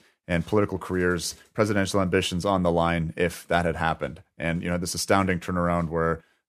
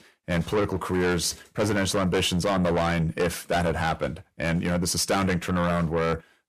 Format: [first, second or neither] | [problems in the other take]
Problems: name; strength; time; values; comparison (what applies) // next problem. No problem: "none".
first | distortion; heavy; 6 dB below the speech